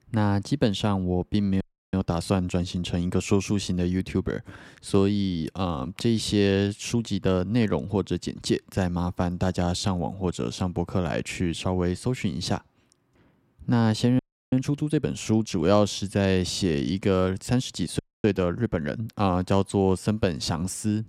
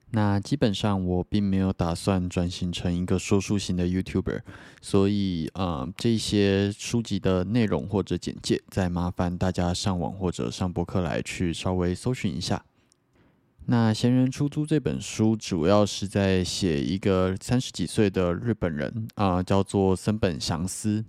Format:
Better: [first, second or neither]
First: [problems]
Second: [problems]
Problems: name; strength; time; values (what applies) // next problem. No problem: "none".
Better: second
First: audio freezing; at 1.5 s, at 14 s and at 18 s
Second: none